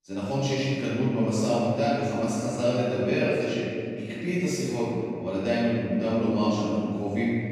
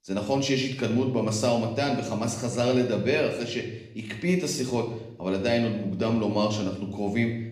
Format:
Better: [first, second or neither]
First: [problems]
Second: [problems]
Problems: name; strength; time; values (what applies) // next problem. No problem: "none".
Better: second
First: room echo; strong; dies away in 2.4 s // off-mic speech; far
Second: room echo; slight; dies away in 0.7 s // off-mic speech; somewhat distant